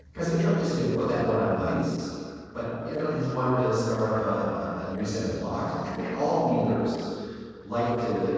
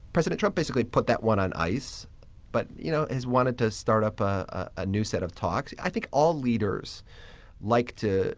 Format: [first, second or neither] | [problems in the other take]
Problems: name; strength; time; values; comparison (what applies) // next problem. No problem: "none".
second | noise reduction (neural separator model SepFormer DNS4)